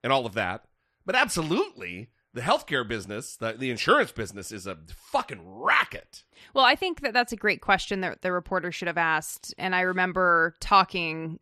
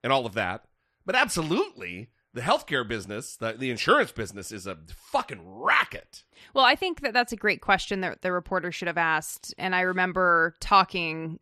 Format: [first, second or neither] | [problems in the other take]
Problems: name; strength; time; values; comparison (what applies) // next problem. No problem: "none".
neither | none